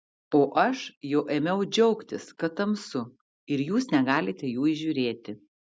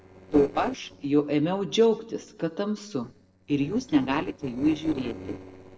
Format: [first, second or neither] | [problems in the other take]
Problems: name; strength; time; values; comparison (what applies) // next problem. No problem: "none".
first | noise reduction (neural separator model SepFormer DNS4)